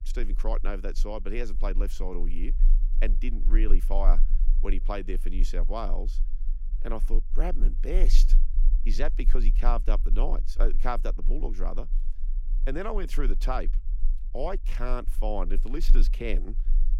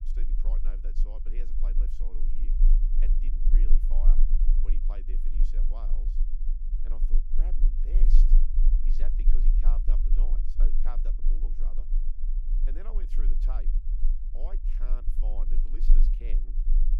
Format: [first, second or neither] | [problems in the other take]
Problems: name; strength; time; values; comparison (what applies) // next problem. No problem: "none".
first | low rumble; loud; throughout; 4 dB below the speech; faint in the first